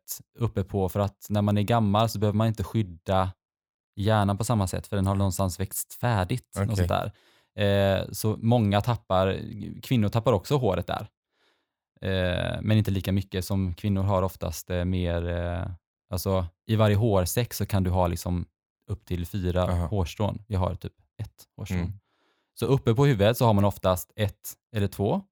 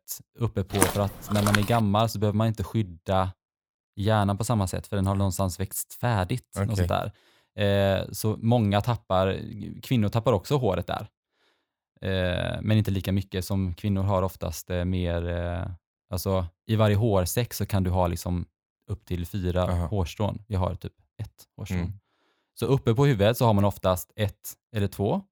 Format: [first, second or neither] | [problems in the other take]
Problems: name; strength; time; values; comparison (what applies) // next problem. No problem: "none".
first | footsteps; loud; at 1 s; peak 1 dB above the speech